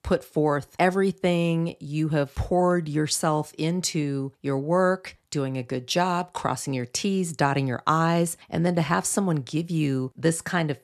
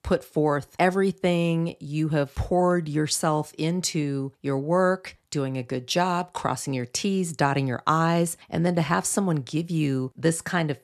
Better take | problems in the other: neither | none

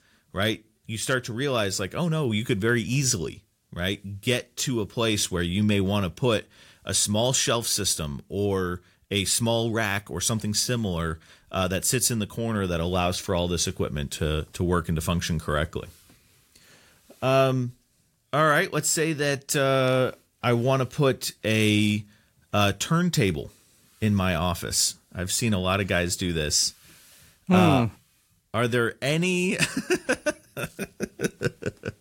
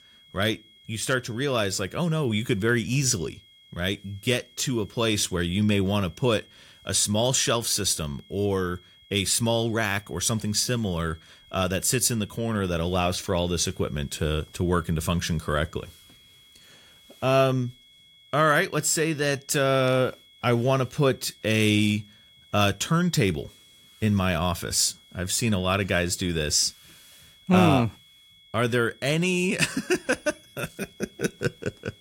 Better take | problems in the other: first | high-pitched whine; faint; throughout; 3.5 kHz, 25 dB below the speech

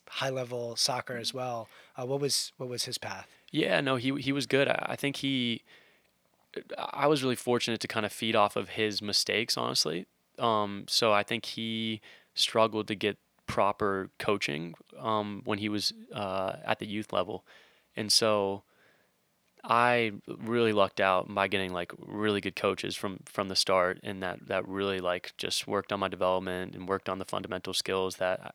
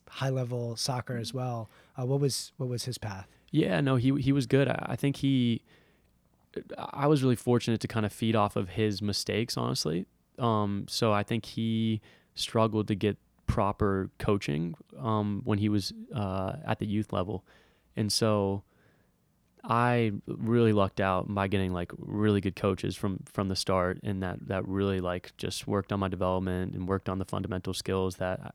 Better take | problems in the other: second | thin; somewhat; fading below 550 Hz

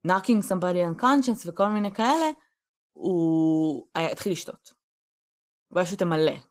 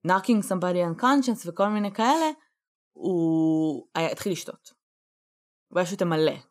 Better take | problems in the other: second | garbled, watery; slightly; nothing above 15.5 kHz

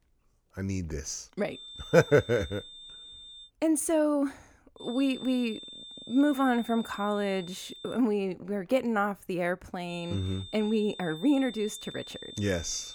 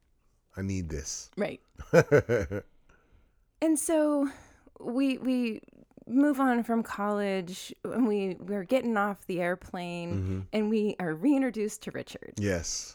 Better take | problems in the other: second | high-pitched whine; noticeable; from 1.5 to 3.5 s, from 5 to 8 s and from 10 s on; 3.5 kHz, 15 dB below the speech

